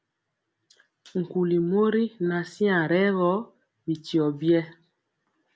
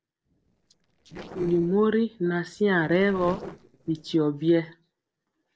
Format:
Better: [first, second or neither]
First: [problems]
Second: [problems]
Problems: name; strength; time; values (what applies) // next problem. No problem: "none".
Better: first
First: none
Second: noise reduction (neural separator model SepFormer DNS4)